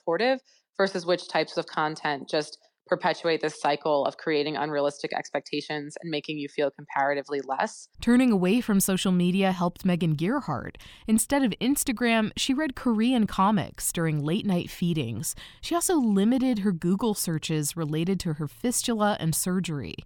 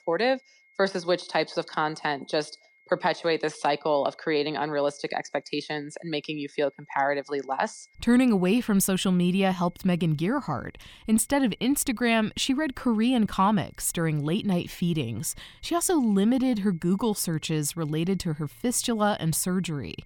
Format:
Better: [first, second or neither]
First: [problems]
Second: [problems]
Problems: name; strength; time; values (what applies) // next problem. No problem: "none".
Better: first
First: none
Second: high-pitched whine; faint; throughout; 2 kHz, 35 dB below the speech